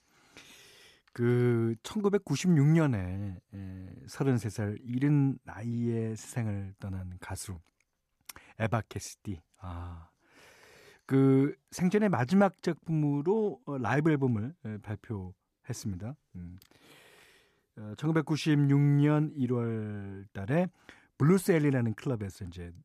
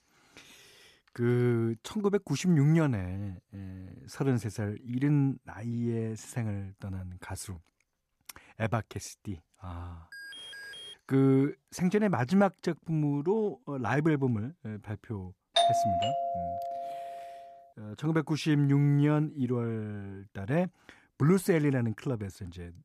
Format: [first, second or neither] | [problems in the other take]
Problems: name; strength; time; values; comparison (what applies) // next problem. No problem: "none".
first | alarm; faint; at 10 s; peak 15 dB below the speech // doorbell; loud; from 16 to 17 s; peak 5 dB above the speech